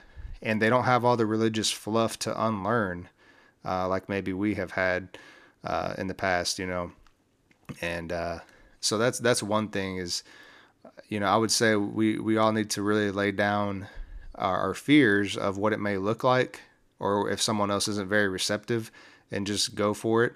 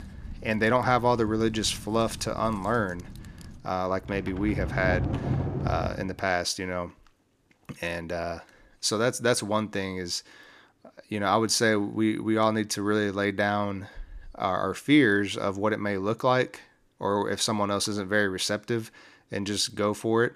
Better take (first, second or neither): first